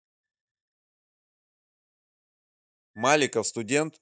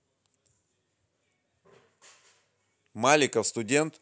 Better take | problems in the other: second | noise reduction (neural mask model DeepFilterNet 3)

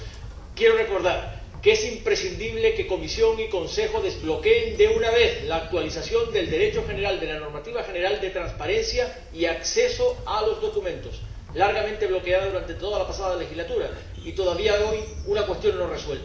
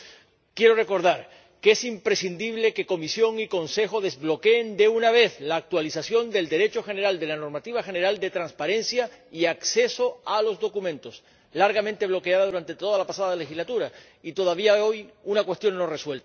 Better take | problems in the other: second | background sound (Train); 13 dB below the speech // room echo; dies away in 0.7 s

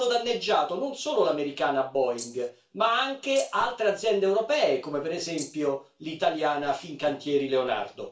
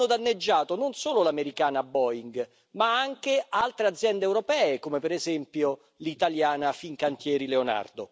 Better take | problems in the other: second | background sound (Rattle (instrument)); 15 dB below the speech // room echo; dies away in 0.3 s

